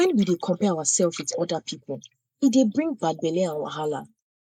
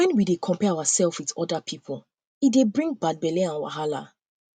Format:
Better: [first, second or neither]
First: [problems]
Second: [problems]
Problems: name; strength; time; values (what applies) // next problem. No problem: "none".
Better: second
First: noise reduction (neural mask model Resemble Enhance denoiser)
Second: none